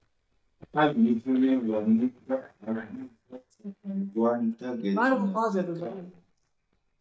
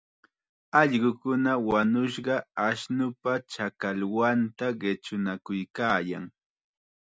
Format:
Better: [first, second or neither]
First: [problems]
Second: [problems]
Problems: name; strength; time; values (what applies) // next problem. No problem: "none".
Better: second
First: noise reduction (neural mask model DeepFilterNet 3)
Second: none